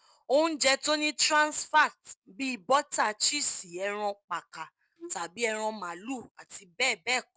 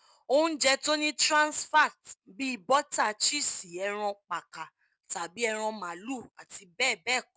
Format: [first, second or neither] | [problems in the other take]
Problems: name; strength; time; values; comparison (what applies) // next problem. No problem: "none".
second | noise reduction (neural separator model SepFormer DNS4)